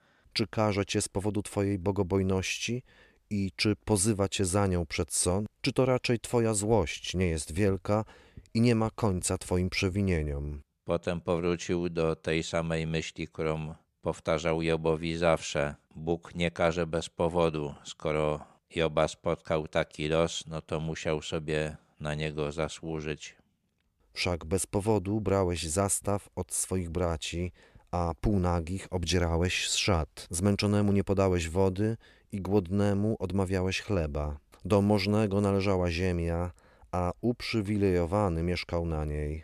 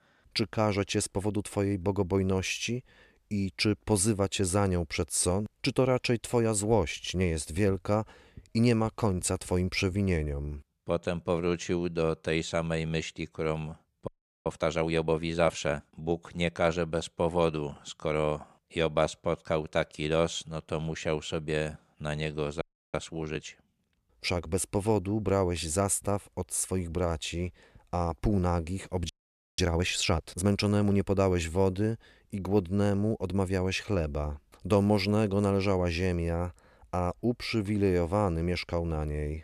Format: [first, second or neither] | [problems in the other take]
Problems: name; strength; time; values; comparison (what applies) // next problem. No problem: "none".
first | audio freezing; at 14 s, at 23 s and at 29 s